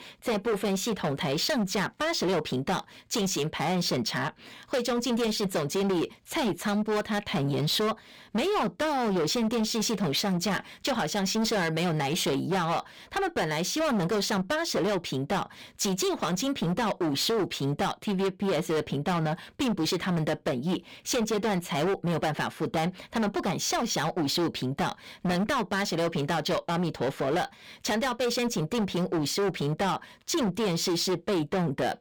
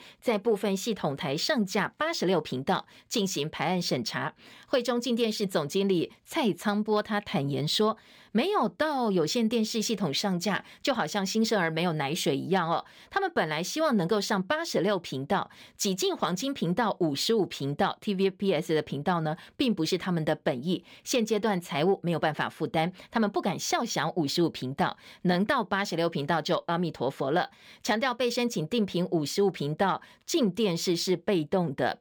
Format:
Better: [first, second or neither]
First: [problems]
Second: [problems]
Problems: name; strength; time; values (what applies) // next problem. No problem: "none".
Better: second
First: distortion; heavy; 22% of the sound clipped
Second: none